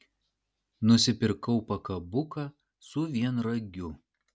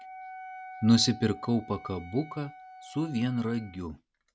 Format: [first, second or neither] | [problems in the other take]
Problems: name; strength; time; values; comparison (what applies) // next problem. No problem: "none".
first | background sound (Wind instrument, woodwind instrument); 17 dB below the speech